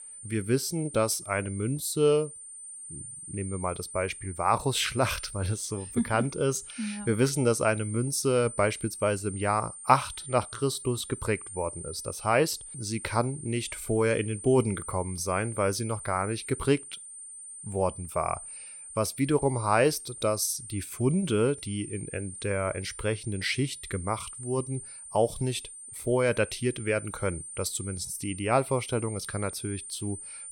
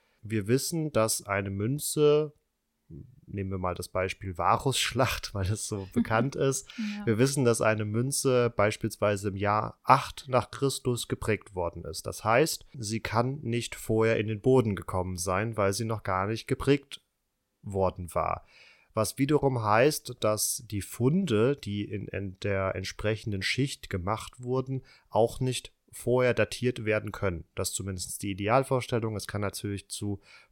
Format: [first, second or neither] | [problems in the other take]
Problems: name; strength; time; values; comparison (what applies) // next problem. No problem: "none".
second | high-pitched whine; noticeable; throughout; 9 kHz, 10 dB below the speech